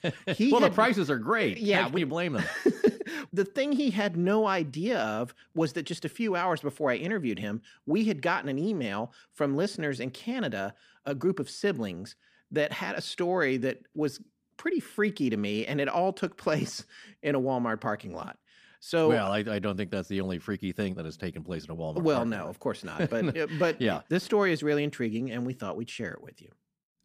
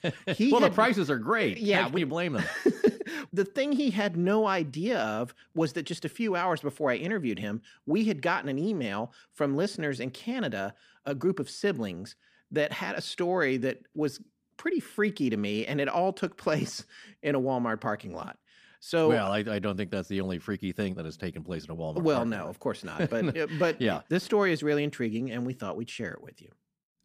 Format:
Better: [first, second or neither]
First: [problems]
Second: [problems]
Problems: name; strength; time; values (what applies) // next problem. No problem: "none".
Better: neither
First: none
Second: none